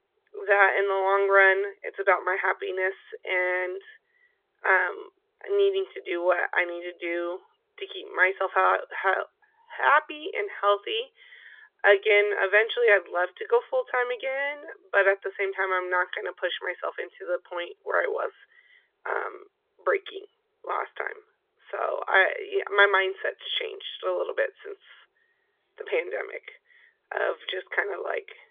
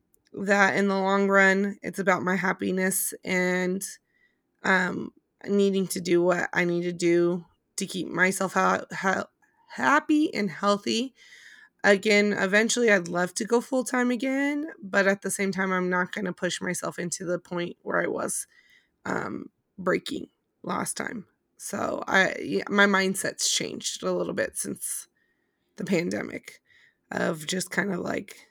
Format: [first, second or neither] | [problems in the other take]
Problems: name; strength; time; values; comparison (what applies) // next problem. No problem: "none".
second | phone-call audio; nothing above 3.5 kHz